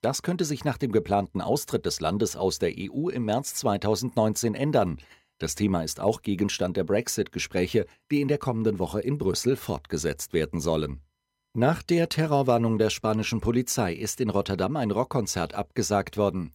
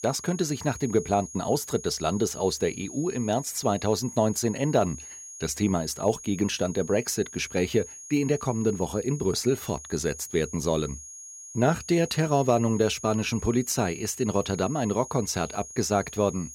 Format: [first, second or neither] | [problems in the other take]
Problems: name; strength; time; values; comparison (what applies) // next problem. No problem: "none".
first | high-pitched whine; noticeable; throughout; 6.5 kHz, 15 dB below the speech